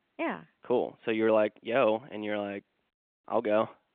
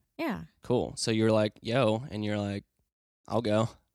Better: second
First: phone-call audio; nothing above 3.5 kHz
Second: none

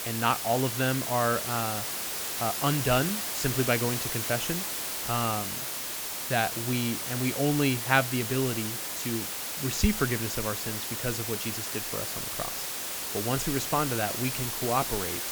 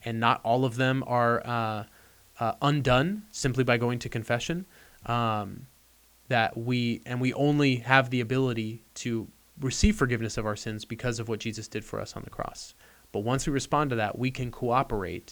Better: second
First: hiss; loud; throughout; 1 dB below the speech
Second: hiss; faint; throughout; 30 dB below the speech

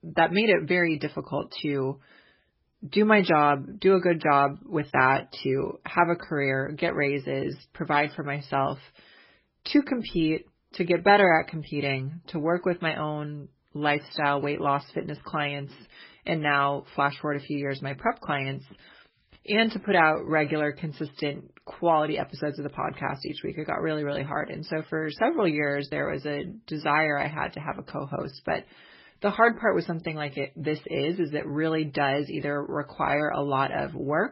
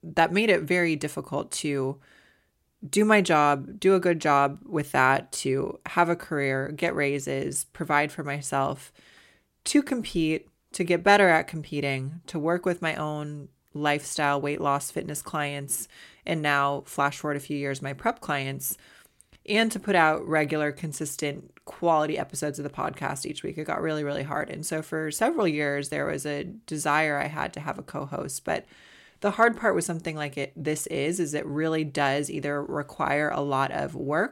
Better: second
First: garbled, watery; badly; nothing above 5.5 kHz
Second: none

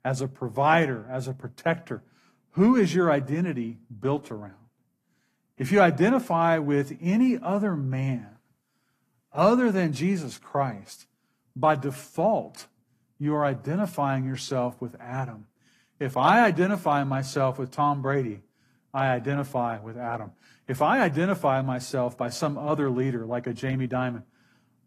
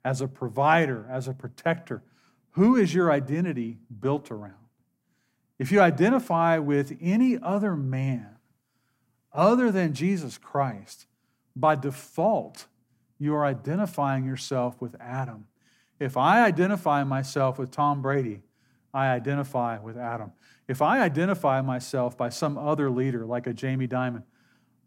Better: second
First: garbled, watery; slightly; nothing above 14.5 kHz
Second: none

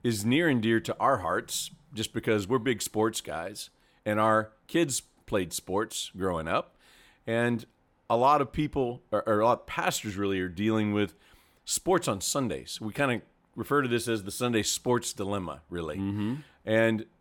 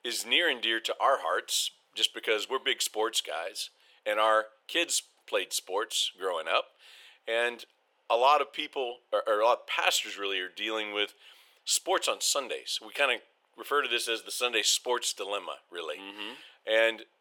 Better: first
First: none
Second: thin; very; fading below 450 Hz

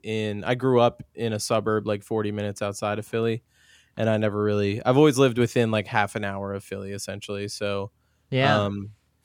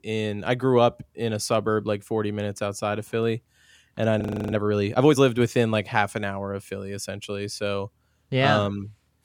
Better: first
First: none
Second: audio freezing; at 4 s

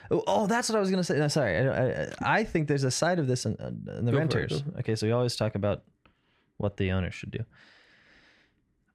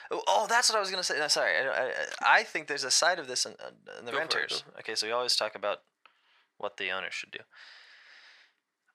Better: first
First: none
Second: thin; very; fading below 950 Hz

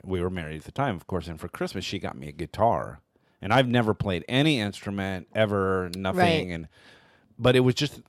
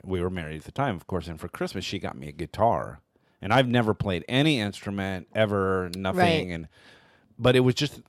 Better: neither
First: none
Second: none

